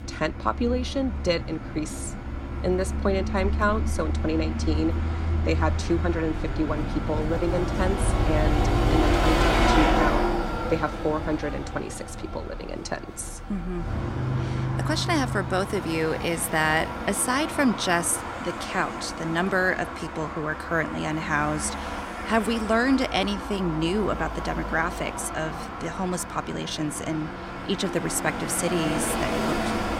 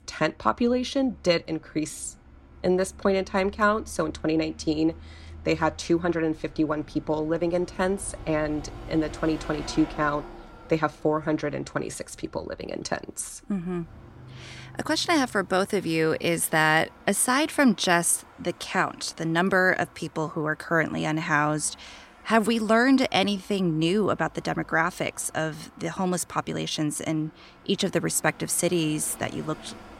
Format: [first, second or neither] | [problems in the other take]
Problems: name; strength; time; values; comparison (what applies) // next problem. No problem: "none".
second | traffic noise; loud; throughout; 2 dB below the speech; faint in the second